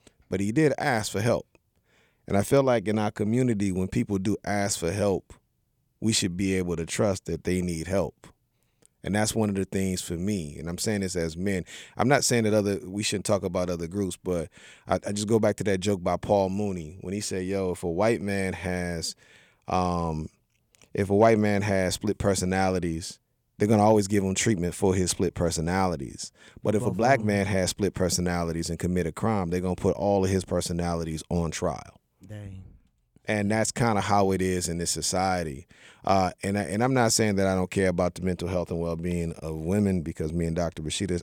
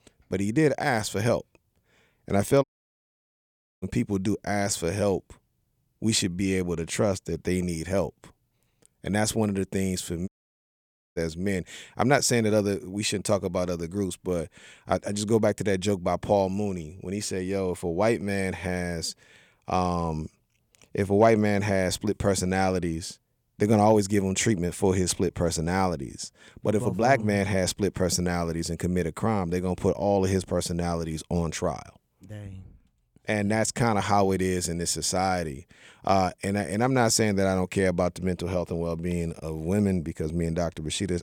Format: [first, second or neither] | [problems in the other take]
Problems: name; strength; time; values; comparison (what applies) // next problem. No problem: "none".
first | audio cutting out; at 2.5 s for 1 s and at 10 s for 1 s